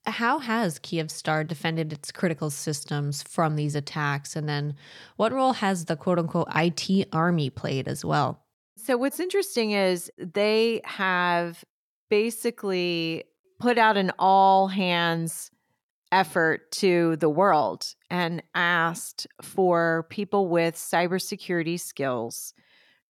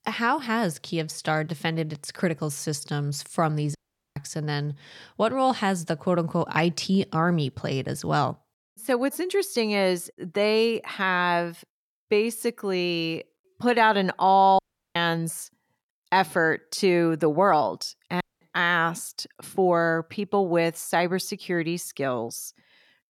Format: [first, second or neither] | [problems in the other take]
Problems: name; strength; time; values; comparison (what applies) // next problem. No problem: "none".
first | audio cutting out; at 4 s, at 15 s and at 18 s